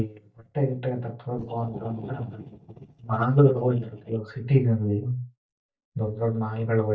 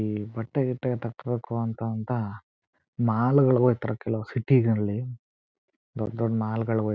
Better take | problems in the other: second | noise reduction (neural mask model DeepFilterNet 3)

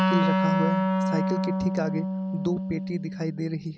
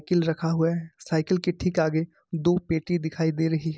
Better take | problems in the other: second | background sound (Wind instrument, woodwind instrument); 4 dB above the speech

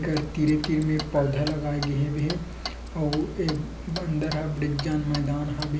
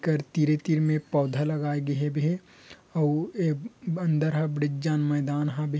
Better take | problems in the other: second | background sound (Clock); 9 dB below the speech // room echo; dies away in 0.5 s

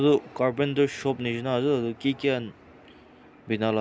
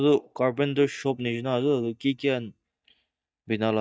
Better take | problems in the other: first | noise reduction (neural mask model DeepFilterNet 3)

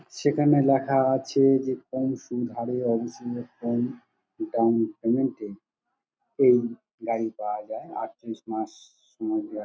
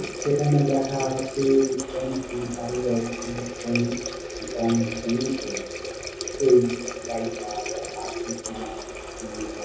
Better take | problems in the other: first | background sound (Water tap, faucet); 7 dB below the speech // room echo; dies away in 0.6 s

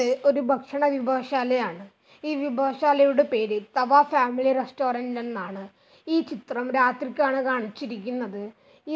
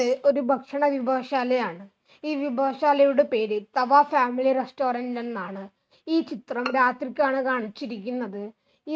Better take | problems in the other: first | noise reduction (neural mask model RNNoise)

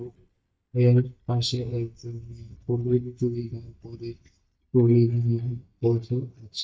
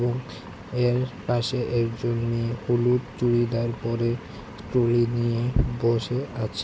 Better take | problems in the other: second | noise reduction (neural mask model DeepFilterNet 3)

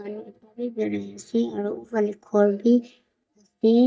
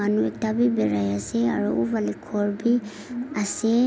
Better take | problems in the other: second | noise reduction (neural mask model DeepFilterNet 3)

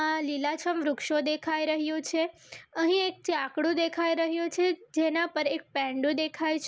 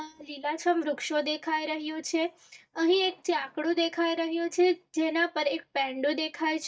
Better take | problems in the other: first | noise reduction (neural mask model DeepFilterNet 3)

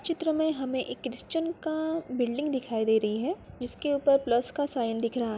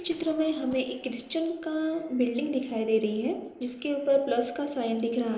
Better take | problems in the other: first | noise reduction (neural separator model SepFormer DNS4)

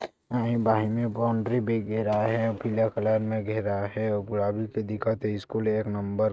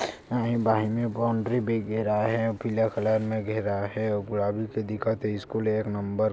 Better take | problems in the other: second | noise reduction (neural mask model RNNoise)

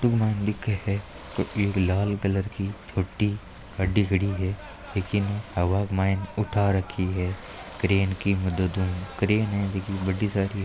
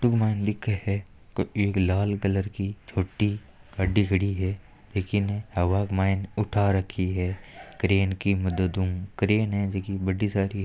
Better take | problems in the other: second | background sound (Ocean / Boat, Water vehicle); 17 dB below the speech

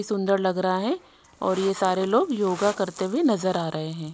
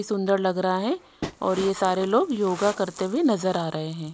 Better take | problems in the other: first | background sound (Train); 16 dB below the speech

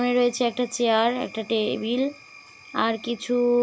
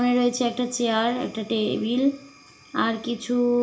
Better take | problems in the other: first | room echo; dies away in 0.4 s

